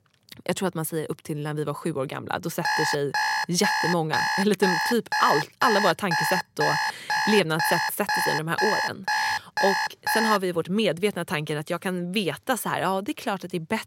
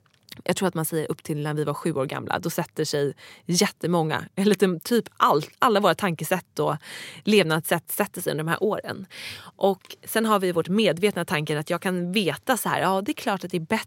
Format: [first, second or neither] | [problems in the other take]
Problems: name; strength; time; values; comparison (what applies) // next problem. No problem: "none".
second | alarm; loud; from 2.5 to 10 s; peak 2 dB above the speech